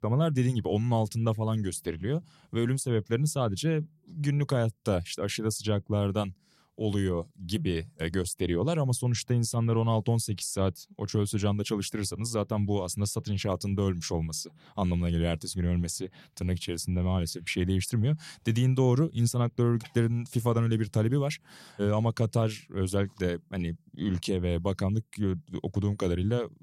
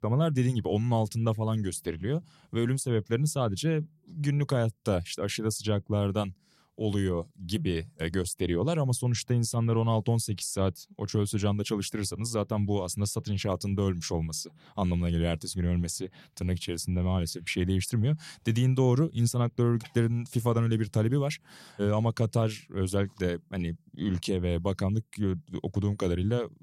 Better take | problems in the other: neither | none

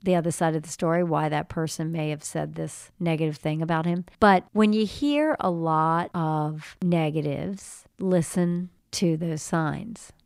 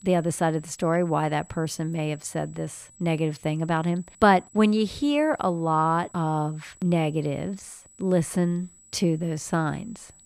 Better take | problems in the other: first | high-pitched whine; faint; throughout; 8 kHz, 25 dB below the speech

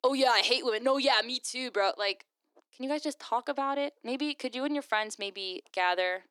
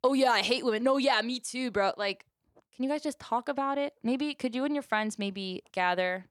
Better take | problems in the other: second | thin; very slightly; fading below 300 Hz

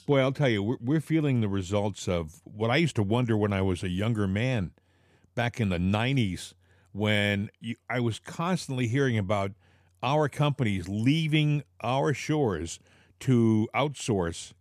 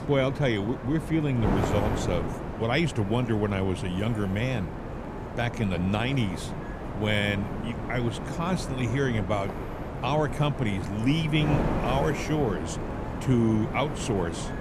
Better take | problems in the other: first | wind noise on the microphone; heavy; 6 dB below the speech

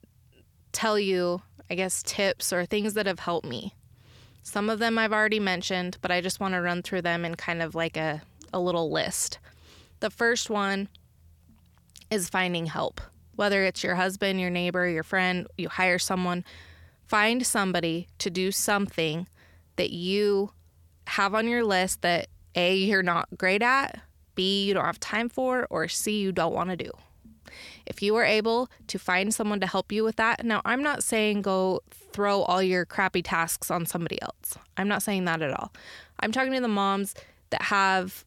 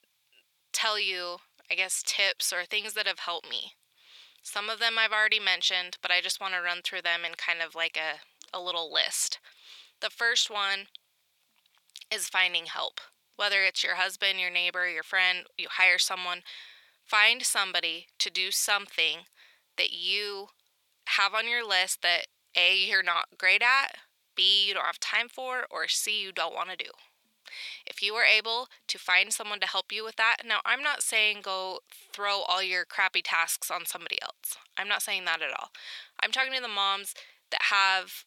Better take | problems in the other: first | thin; very; fading below 850 Hz

